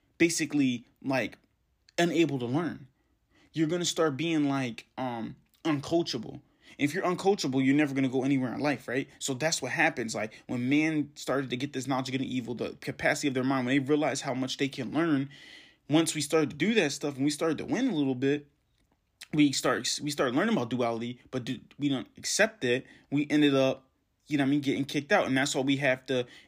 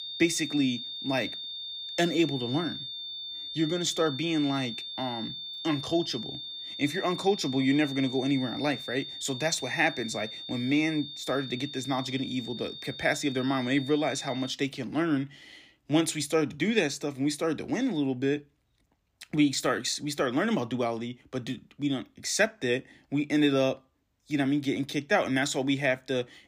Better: first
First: none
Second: high-pitched whine; loud; until 15 s; 3.5 kHz, 8 dB below the speech

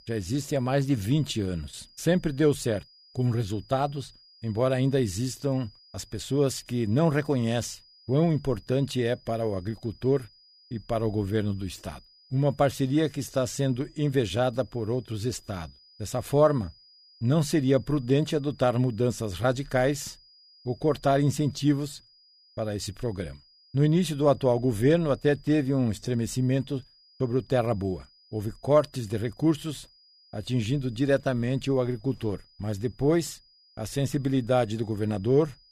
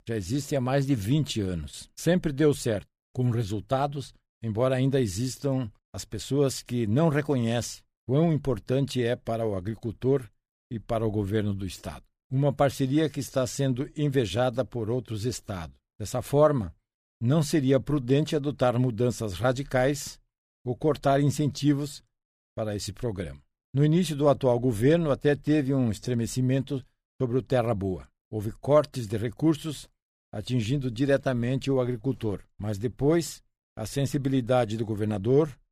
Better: second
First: high-pitched whine; faint; throughout; 5 kHz, 30 dB below the speech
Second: none

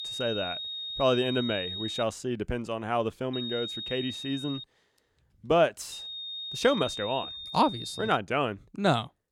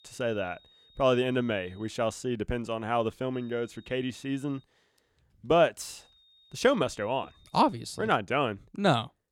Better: second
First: high-pitched whine; loud; until 2 s, from 3.5 to 4.5 s and from 6 to 8 s; 3.5 kHz, 6 dB below the speech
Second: high-pitched whine; faint; until 2 s, from 3.5 to 4.5 s and from 6 to 8 s; 3.5 kHz, 30 dB below the speech

